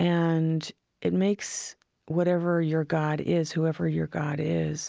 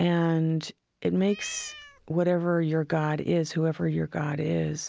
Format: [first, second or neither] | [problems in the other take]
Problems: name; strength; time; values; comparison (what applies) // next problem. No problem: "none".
first | background sound (Cat); 16 dB below the speech